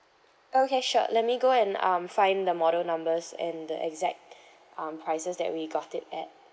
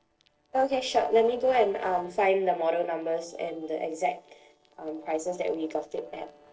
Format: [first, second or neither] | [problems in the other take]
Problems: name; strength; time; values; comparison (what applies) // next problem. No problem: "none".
first | noise reduction (neural separator model SepFormer DNS4)